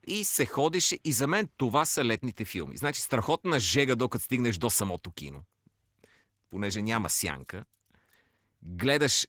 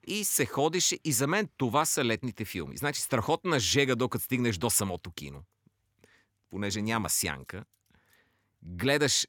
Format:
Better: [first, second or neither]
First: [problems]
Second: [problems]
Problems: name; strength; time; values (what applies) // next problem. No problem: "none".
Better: second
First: garbled, watery; slightly; nothing above 19 kHz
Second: none